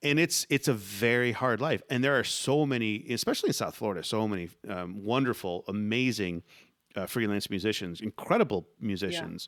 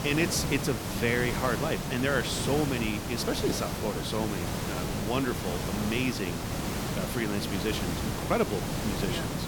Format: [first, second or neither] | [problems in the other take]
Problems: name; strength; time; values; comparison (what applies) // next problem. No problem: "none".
first | hiss; loud; throughout; 2 dB below the speech